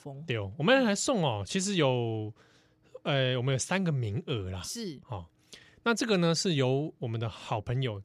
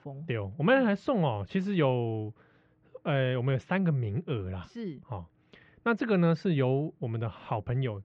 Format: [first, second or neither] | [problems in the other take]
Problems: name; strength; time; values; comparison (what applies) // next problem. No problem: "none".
first | muffled; very; fading above 2.5 kHz